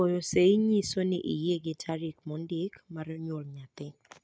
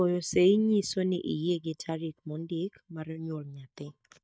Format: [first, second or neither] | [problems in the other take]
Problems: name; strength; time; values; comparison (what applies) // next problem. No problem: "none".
first | noise reduction (neural mask model DeepFilterNet 3)